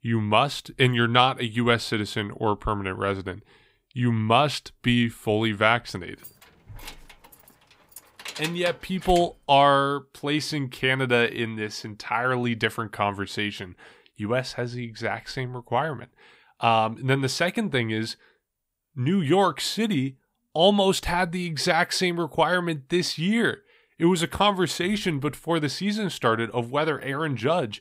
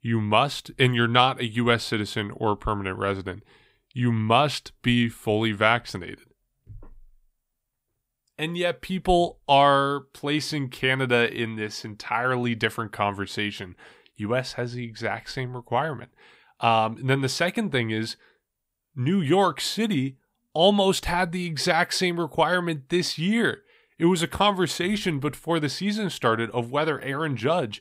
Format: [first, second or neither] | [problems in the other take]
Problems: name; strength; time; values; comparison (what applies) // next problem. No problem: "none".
second | jangling keys; noticeable; from 6 to 9 s; peak 10 dB below the speech